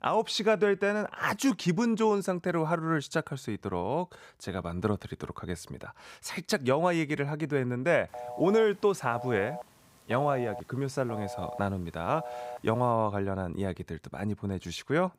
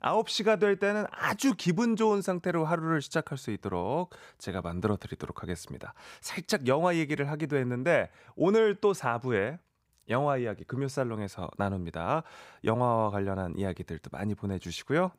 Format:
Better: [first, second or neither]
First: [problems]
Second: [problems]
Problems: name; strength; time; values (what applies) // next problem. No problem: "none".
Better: second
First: phone ringing; noticeable; from 8 to 13 s; peak 9 dB below the speech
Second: none